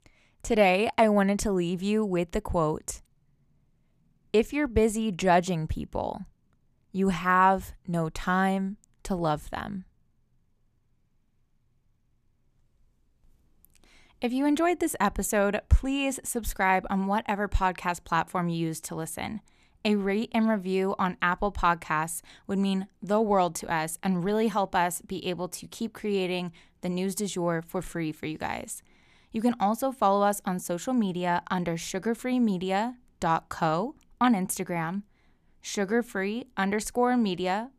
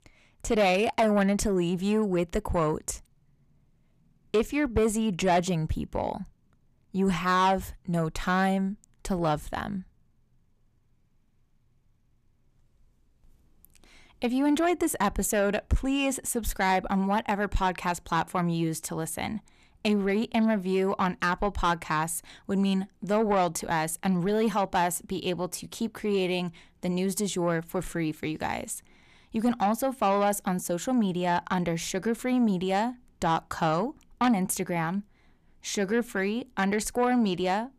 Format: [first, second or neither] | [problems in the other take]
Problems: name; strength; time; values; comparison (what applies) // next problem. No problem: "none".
first | distortion; slight; 10 dB below the speech